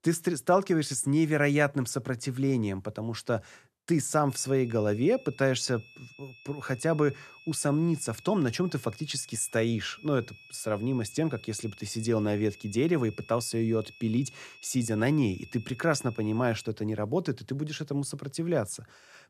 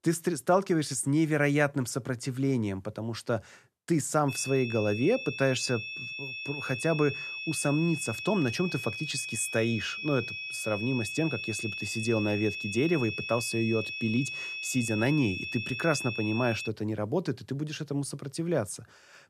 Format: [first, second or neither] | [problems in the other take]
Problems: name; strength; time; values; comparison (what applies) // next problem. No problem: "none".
first | high-pitched whine; loud; from 4.5 to 17 s; 2.5 kHz, 5 dB below the speech; faint in the first